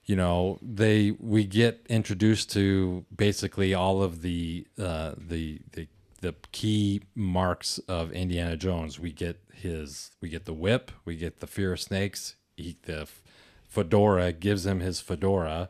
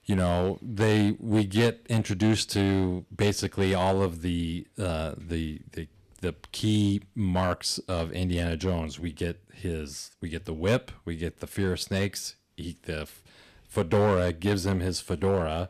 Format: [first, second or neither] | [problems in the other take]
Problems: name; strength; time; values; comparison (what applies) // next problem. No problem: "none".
first | distortion; slight; 3% of the sound clipped